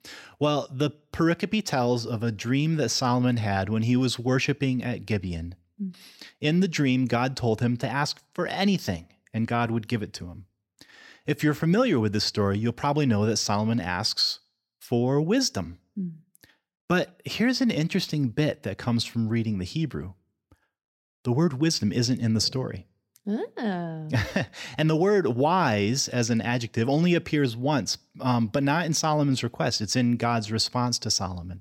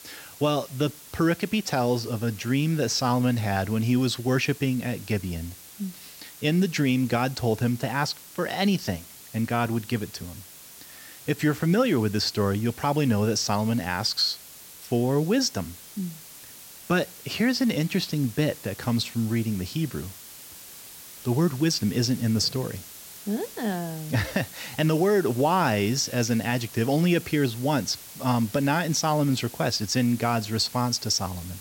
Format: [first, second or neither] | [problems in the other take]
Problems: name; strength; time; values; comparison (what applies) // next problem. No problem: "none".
first | hiss; noticeable; throughout; 15 dB below the speech